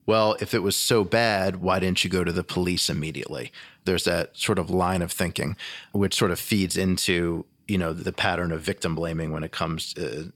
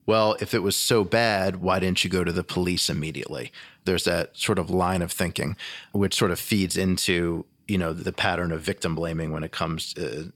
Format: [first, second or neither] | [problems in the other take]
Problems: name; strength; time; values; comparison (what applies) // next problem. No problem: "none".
neither | none